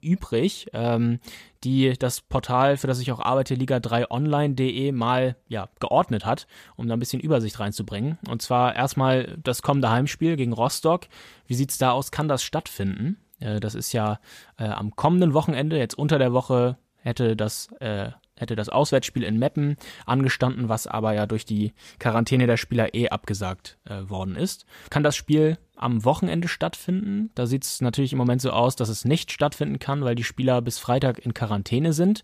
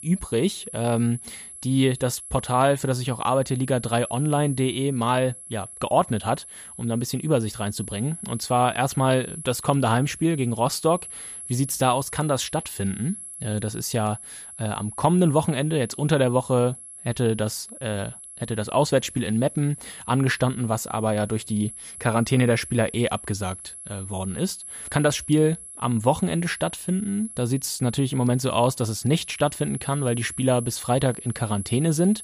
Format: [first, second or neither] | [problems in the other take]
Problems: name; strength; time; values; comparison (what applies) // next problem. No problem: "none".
first | high-pitched whine; noticeable; throughout; 11 kHz, 10 dB below the speech